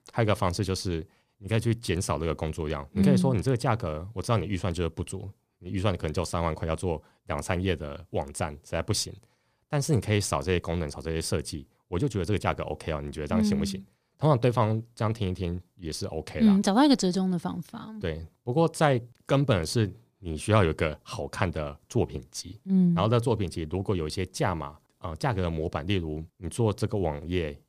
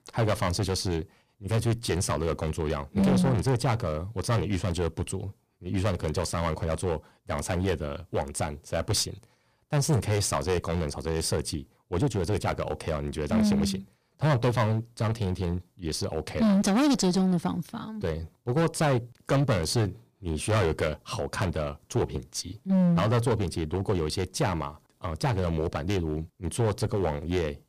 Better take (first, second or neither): first